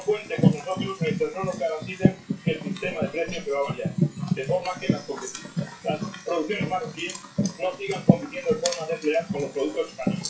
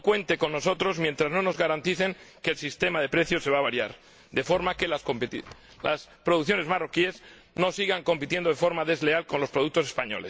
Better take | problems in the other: second | noise reduction (classical method WPE with log-MMSE)

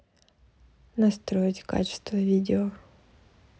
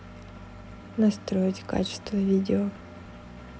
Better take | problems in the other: first | background sound (Engine + Bass guitar); 15 dB below the speech

